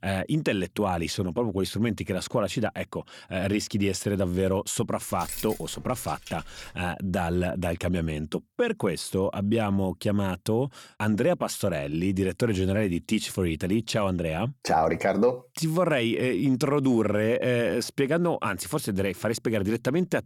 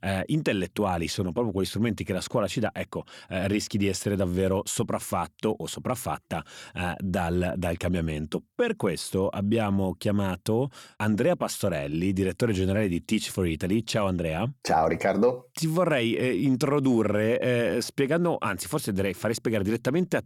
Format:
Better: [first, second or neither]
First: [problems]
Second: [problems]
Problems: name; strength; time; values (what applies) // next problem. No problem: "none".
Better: second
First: jangling keys; noticeable; from 5 to 6.5 s; peak 8 dB below the speech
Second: none